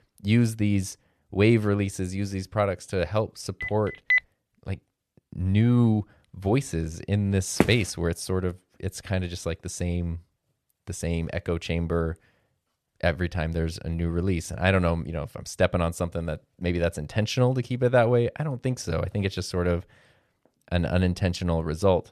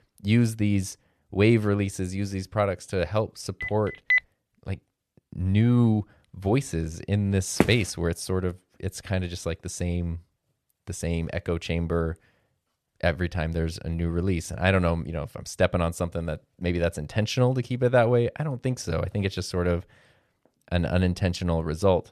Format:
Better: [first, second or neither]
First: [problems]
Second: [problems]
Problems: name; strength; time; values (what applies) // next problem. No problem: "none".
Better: neither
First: phone ringing; loud; at 3.5 s; peak 4 dB above the speech // footsteps; very faint; at 7.5 s; peak level with the speech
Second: phone ringing; loud; at 3.5 s; peak 4 dB above the speech // footsteps; very faint; at 7.5 s; peak level with the speech